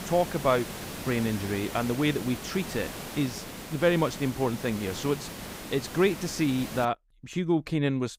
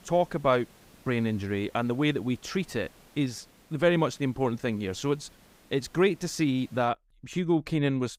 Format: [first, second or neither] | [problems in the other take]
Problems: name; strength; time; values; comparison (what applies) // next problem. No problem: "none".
second | hiss; loud; until 7 s; 10 dB below the speech; faint in the second